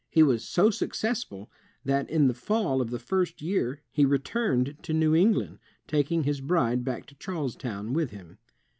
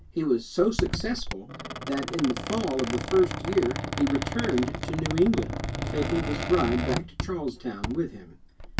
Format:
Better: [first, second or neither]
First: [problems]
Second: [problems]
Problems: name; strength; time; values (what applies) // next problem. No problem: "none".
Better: first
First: none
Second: background sound (Squeak); 5 dB below the speech // room echo; dies away in 0.1 s